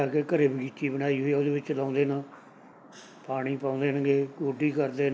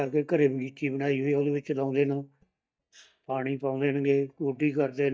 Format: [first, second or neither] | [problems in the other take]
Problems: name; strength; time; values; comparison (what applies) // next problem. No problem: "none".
first | noise reduction (neural mask model DeepFilterNet 3)